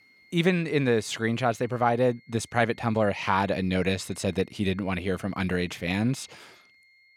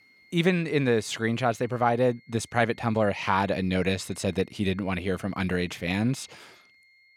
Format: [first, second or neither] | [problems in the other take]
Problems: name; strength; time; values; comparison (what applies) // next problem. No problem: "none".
neither | high-pitched whine; faint; throughout; 2 kHz, 30 dB below the speech; the same in both